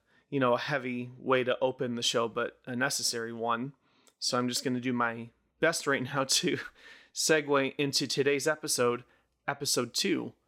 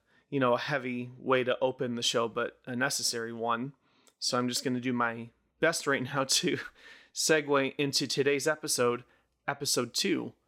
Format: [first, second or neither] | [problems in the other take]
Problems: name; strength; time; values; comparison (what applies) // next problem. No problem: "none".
neither | none